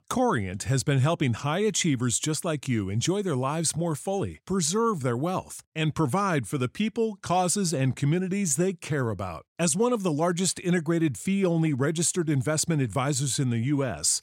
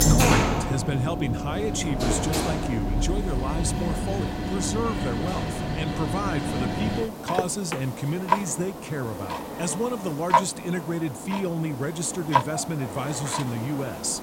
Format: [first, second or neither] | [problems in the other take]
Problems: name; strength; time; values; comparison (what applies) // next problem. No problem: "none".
first | household noises; very loud; throughout; 1 dB above the speech